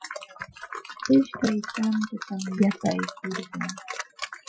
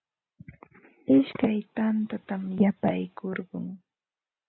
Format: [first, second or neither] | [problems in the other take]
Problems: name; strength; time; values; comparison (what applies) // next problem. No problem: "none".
second | noise reduction (classical method Wiener filter)